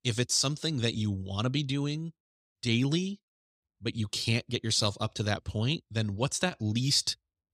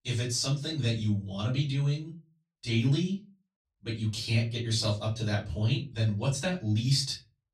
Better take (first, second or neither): first